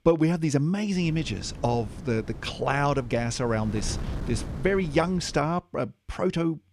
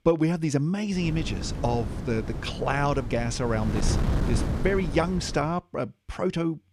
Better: first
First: wind noise on the microphone; occasional gusts; from 1 to 5.5 s; 15 dB below the speech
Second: wind noise on the microphone; heavy; from 1 to 5.5 s; 9 dB below the speech

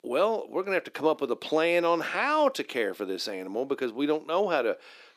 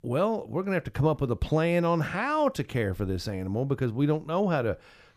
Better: second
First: thin; somewhat; fading below 300 Hz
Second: none

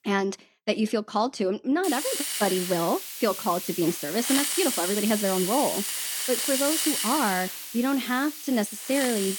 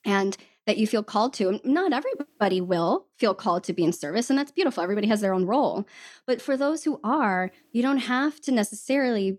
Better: second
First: hiss; loud; from 2 s on; 2 dB below the speech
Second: none

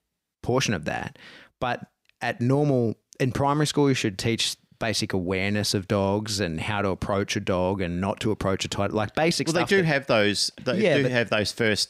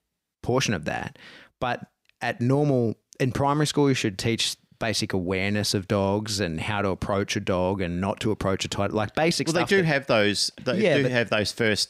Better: neither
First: none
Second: none

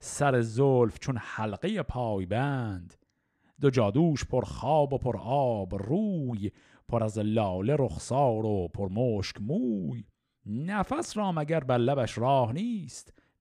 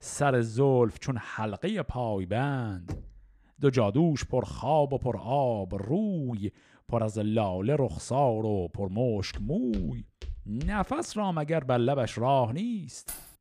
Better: first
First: none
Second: door banging; faint; at 3 s; peak 15 dB below the speech // footsteps; faint; from 9.5 to 11 s; peak 10 dB below the speech // jangling keys; faint; at 13 s; peak 10 dB below the speech

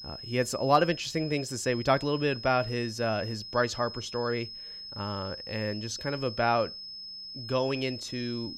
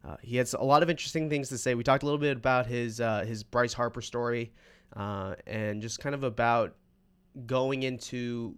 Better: second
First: high-pitched whine; loud; throughout; 5 kHz, 10 dB below the speech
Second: none

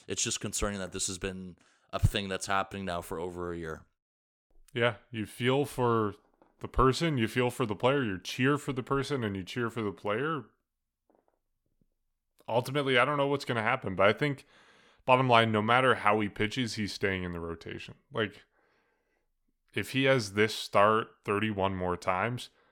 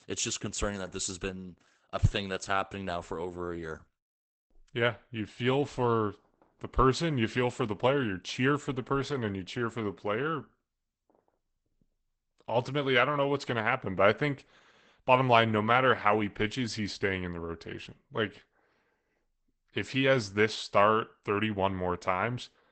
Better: first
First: none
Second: garbled, watery; badly; nothing above 8 kHz

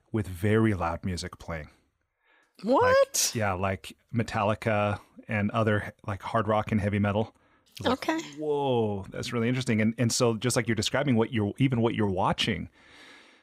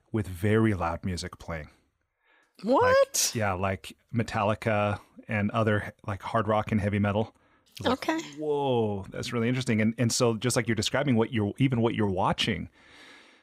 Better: neither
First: none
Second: none

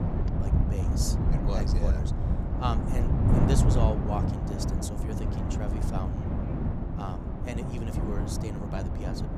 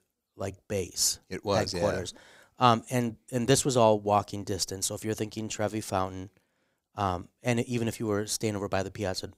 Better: second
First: wind noise on the microphone; heavy; 1 dB above the speech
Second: none

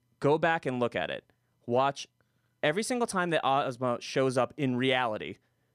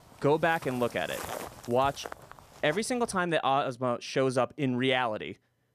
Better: first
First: none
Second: footsteps; noticeable; until 3 s; peak 8 dB below the speech

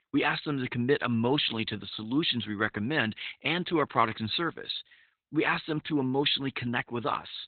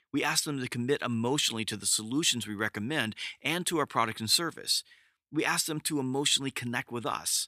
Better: second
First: garbled, watery; badly; nothing above 4 kHz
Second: none

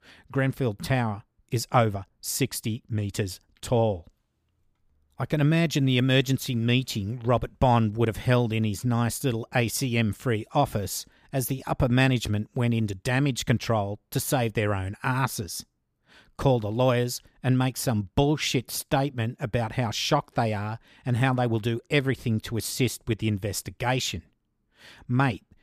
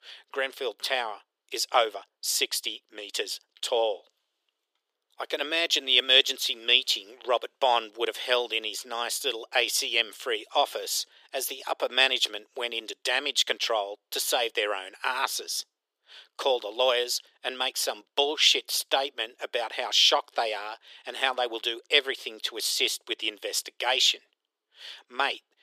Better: first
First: none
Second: thin; very; fading below 400 Hz

